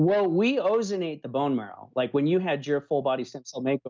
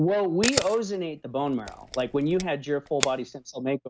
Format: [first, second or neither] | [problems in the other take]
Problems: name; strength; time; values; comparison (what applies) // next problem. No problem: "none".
first | background sound (Camera); 8 dB below the speech